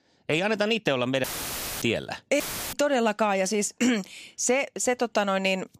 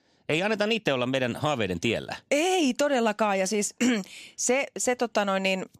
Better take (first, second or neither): second